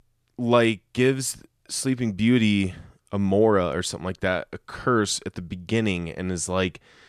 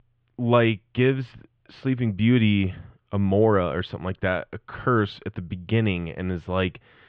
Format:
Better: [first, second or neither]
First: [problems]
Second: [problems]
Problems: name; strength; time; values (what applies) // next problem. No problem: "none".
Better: first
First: none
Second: muffled; very; fading above 3 kHz